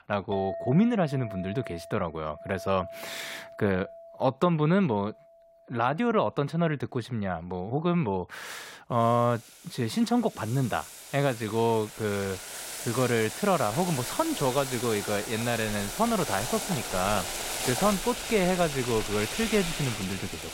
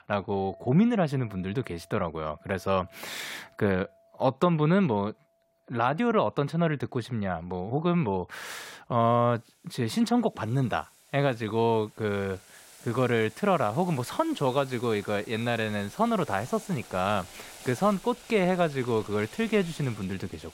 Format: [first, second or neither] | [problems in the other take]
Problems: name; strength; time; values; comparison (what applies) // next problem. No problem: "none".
second | household noises; loud; throughout; 6 dB below the speech; faint in the second